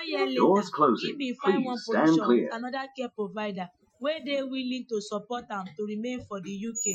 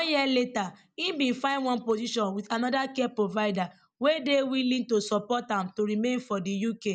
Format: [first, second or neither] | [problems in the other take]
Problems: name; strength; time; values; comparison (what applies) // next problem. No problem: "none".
second | noise reduction (classical method Wiener filter)